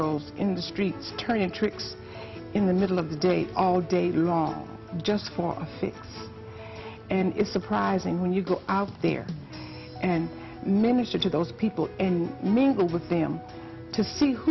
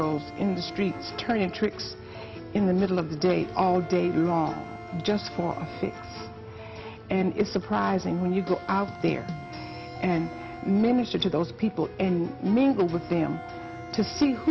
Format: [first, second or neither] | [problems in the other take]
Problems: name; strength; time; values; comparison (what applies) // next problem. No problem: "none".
first | background sound (Bowed string instrument); 18 dB below the speech